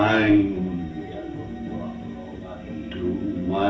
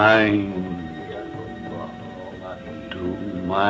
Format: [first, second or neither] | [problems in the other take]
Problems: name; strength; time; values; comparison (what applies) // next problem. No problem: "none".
second | room echo; dies away in 0.3 s